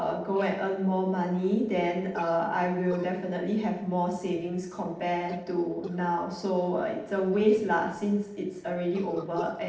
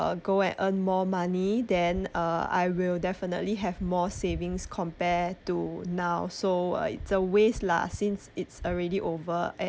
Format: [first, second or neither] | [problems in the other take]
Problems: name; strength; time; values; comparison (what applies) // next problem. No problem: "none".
second | noise reduction (neural separator model SepFormer DNS4)